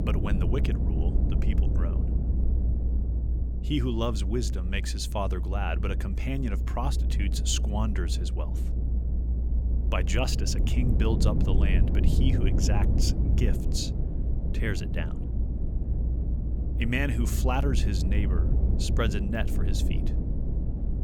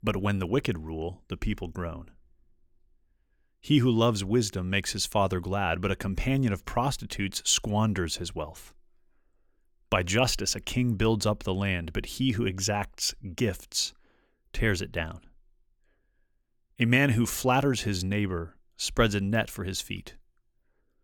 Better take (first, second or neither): second